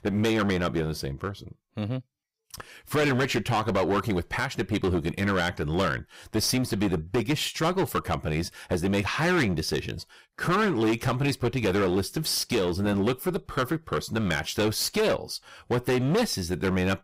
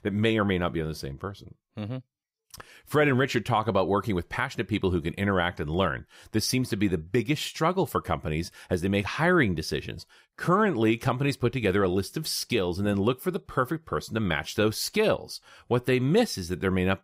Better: second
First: distortion; heavy; 13% of the sound clipped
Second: none

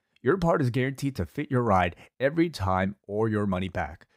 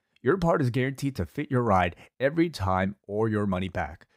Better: neither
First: none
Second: none

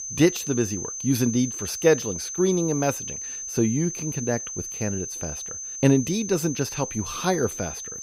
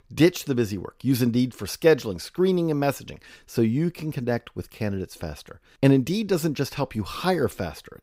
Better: second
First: high-pitched whine; loud; throughout; 6 kHz, 6 dB below the speech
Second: none

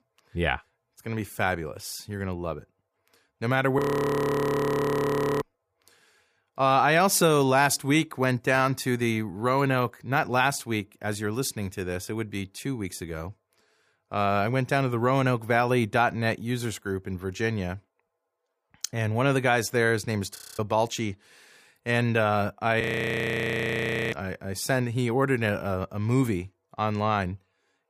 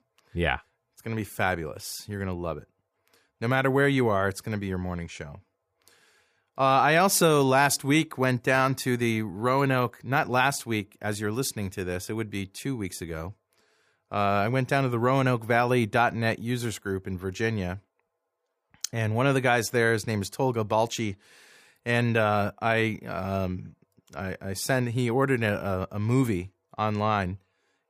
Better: second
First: audio freezing; at 4 s for 1.5 s, at 20 s and at 23 s for 1.5 s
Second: none

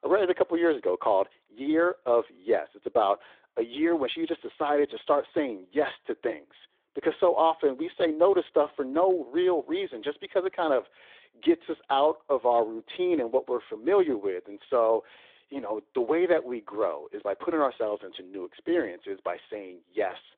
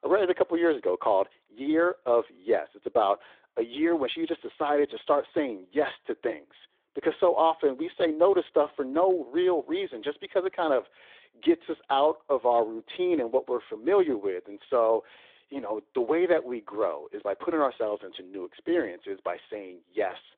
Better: neither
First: phone-call audio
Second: phone-call audio

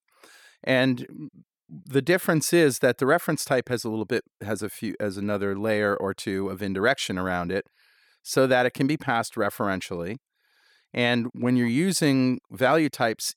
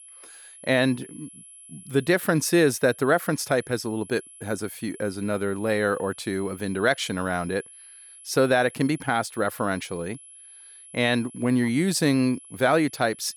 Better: first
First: none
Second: high-pitched whine; noticeable; throughout; 11 kHz, 20 dB below the speech

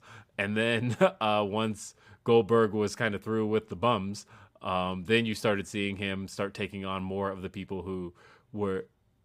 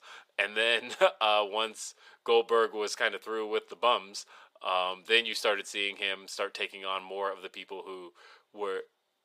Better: first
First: none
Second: thin; very; fading below 450 Hz

